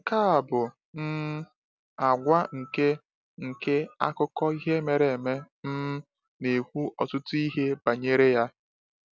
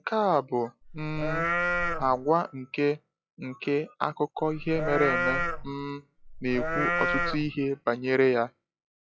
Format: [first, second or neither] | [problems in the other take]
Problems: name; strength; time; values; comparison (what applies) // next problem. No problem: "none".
first | noise reduction (classical method log-MMSE)